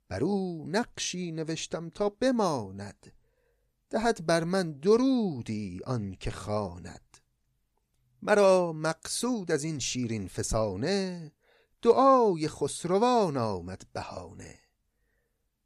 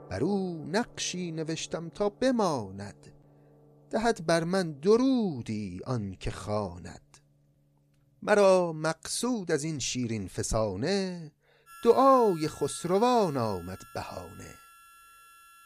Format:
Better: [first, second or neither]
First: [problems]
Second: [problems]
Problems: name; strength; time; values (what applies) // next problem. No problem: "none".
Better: first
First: none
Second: background music; faint; throughout; 25 dB below the speech